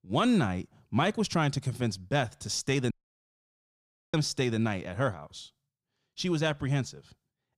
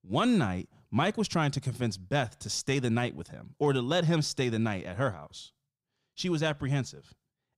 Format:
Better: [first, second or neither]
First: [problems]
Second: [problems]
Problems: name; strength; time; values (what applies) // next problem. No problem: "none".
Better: second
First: audio cutting out; at 3 s for 1 s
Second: none